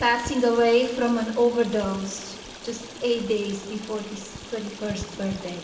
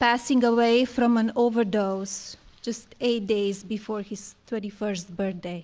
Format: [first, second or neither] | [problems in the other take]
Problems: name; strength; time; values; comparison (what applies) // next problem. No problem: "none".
second | background sound (Stream); 14 dB below the speech // room echo; dies away in 1.2 s